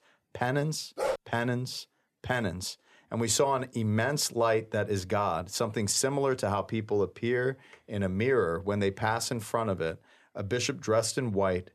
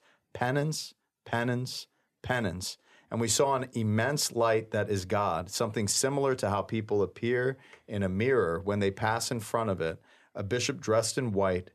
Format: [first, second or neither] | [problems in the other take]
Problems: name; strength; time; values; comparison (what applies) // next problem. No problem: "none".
second | dog barking; noticeable; at 1 s; peak 3 dB below the speech